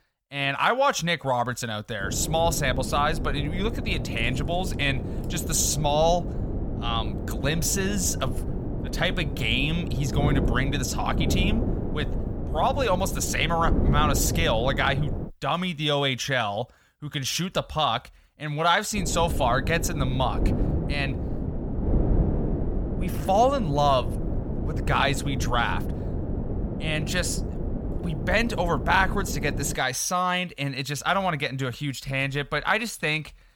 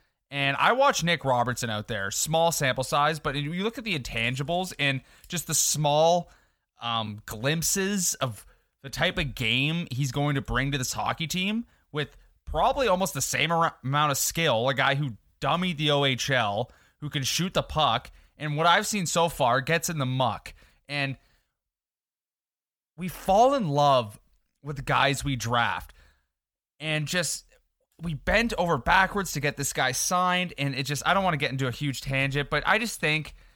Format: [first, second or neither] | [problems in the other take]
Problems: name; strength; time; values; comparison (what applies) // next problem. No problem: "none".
second | wind noise on the microphone; occasional gusts; from 2 to 15 s and from 19 to 30 s; 10 dB below the speech